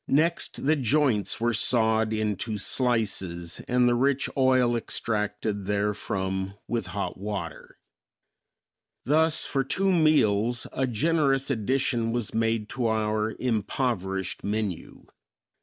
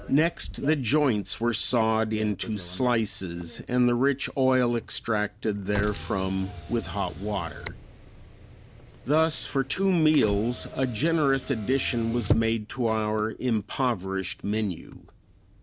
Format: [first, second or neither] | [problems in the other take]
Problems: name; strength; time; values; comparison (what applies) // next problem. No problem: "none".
first | background sound (Motor vehicle (road)); 12 dB below the speech